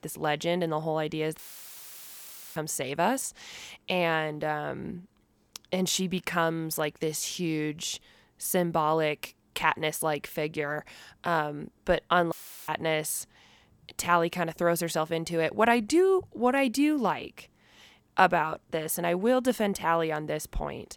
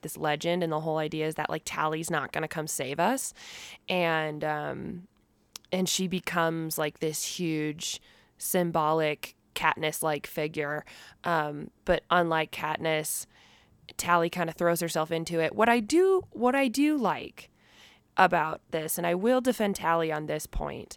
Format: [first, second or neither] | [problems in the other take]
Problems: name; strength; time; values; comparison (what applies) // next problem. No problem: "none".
second | audio cutting out; filled with static; at 1.5 s for 1 s and at 12 s